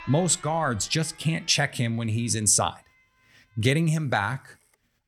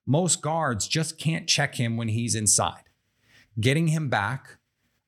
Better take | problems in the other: second | alarms or sirens; faint; throughout; 25 dB below the speech

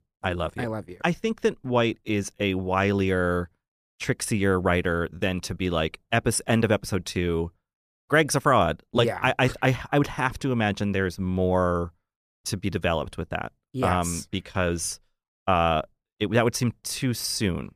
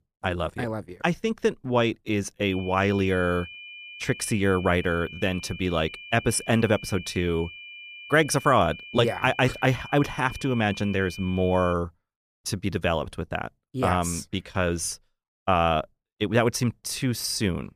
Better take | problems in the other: first | high-pitched whine; noticeable; from 2.5 to 12 s; 2.5 kHz, 15 dB below the speech

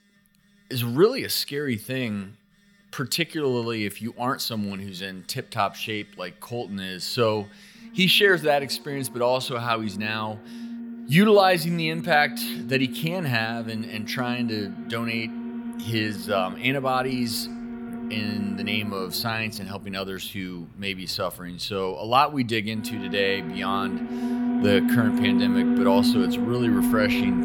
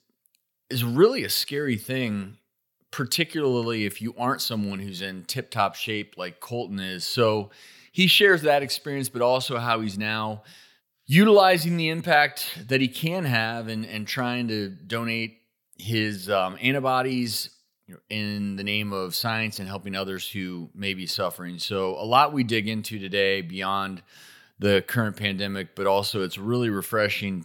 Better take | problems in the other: second | alarms or sirens; loud; throughout; 3 dB below the speech

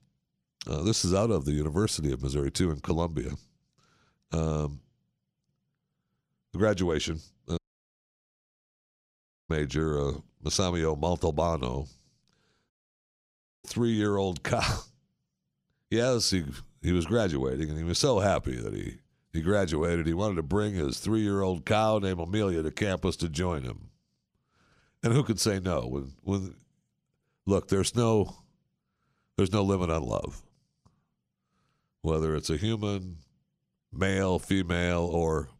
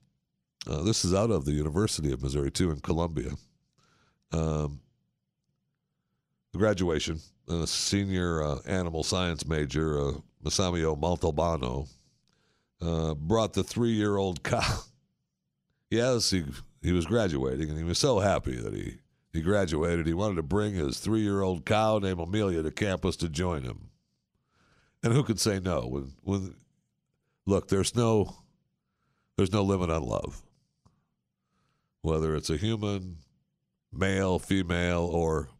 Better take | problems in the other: second | audio cutting out; at 7.5 s for 2 s and at 13 s for 1 s

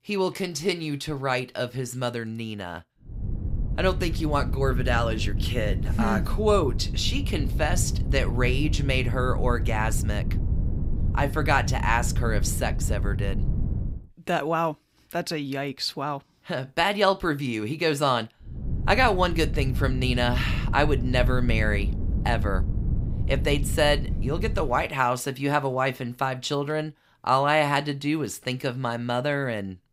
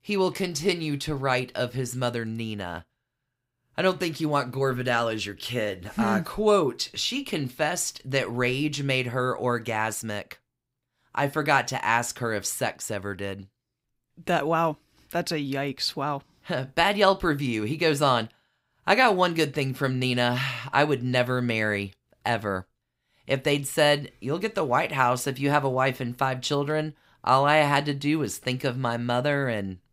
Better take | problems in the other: second | wind noise on the microphone; occasional gusts; from 3 to 14 s and from 19 to 25 s; 15 dB below the speech

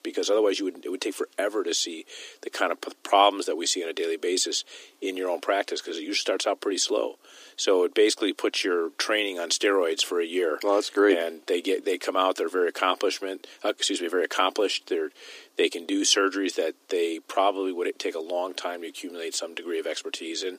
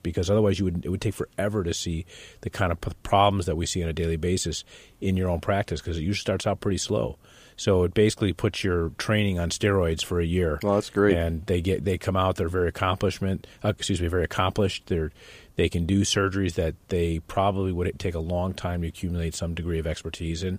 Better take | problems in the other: second | thin; somewhat; fading below 250 Hz

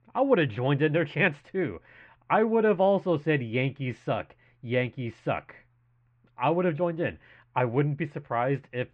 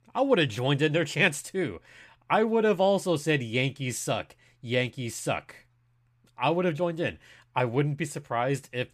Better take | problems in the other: second | muffled; very; fading above 2.5 kHz

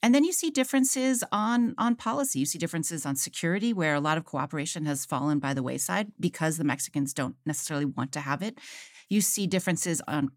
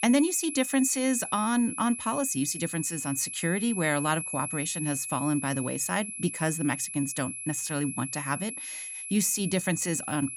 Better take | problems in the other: first | high-pitched whine; loud; throughout; 11 kHz, 6 dB below the speech

